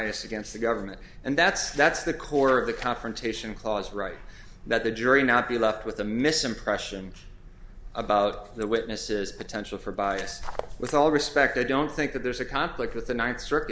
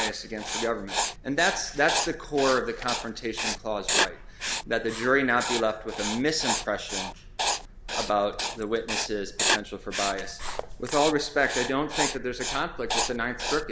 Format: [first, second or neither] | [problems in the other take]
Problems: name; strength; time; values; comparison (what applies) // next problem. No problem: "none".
first | background sound (Writing); 3 dB below the speech